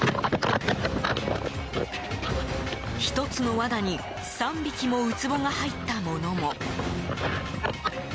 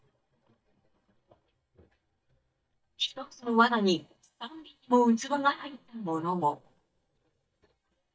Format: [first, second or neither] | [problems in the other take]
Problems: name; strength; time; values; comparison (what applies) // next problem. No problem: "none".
first | noise reduction (neural mask model DeepFilterNet 3)